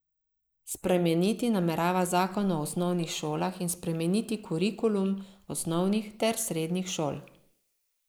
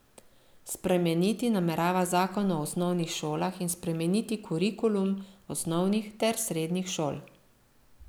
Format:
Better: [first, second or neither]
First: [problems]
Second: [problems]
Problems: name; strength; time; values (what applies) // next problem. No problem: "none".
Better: second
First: noise reduction (neural mask model Resemble Enhance denoiser)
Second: none